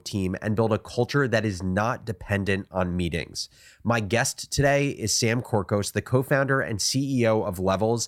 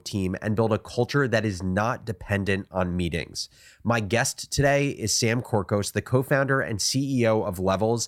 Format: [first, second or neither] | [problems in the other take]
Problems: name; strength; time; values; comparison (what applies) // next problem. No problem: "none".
neither | none